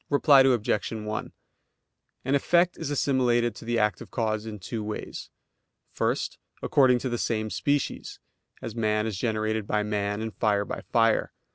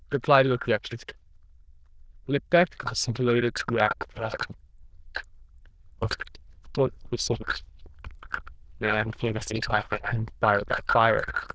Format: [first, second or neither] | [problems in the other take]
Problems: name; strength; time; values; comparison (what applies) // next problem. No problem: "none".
first | noise reduction (neural diffusion model UNIVERSE++)